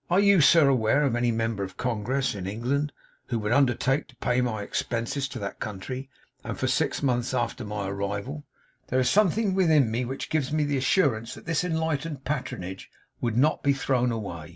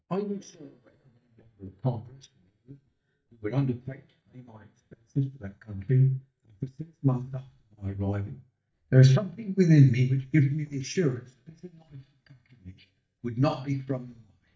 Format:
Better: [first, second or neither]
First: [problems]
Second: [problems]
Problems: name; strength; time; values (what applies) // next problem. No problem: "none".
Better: first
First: none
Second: noise reduction (neural mask model DeepFilterNet 3)